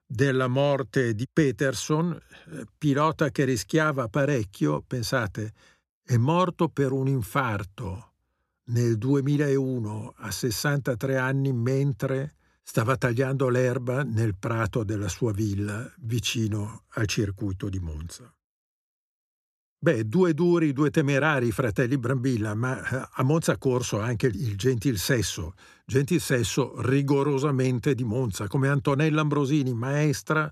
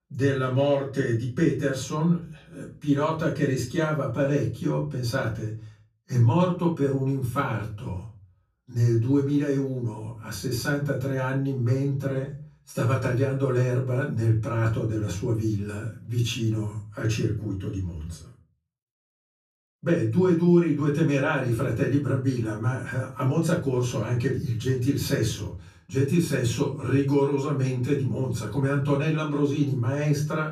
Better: first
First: none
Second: off-mic speech; far // room echo; slight; dies away in 0.3 s

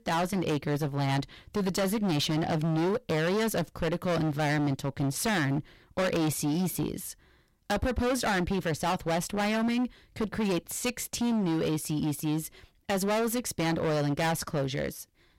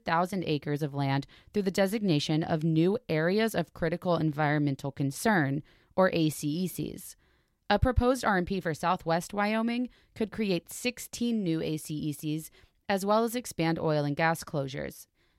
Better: second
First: distortion; heavy; 23% of the sound clipped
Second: none

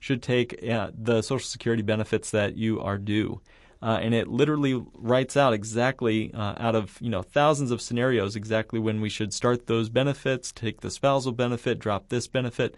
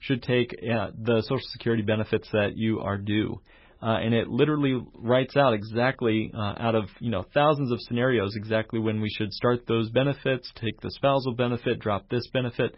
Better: first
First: garbled, watery; slightly; nothing above 11 kHz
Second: garbled, watery; badly; nothing above 5.5 kHz

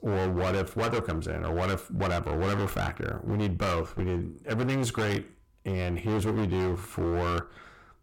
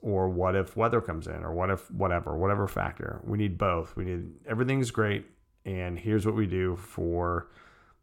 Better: second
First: distortion; heavy; 24% of the sound clipped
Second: none

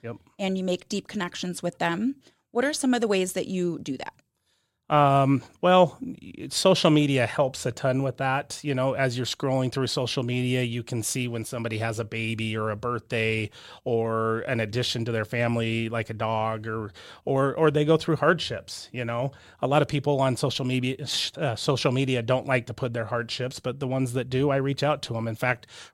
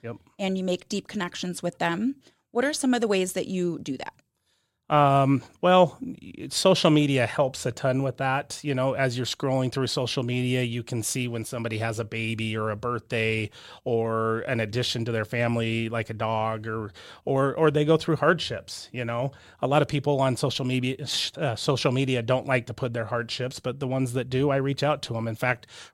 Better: neither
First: none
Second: none

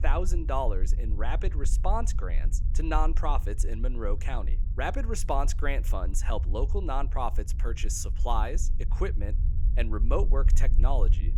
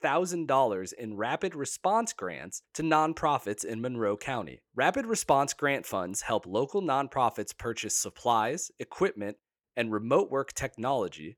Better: second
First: low rumble; noticeable; throughout; 15 dB below the speech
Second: none

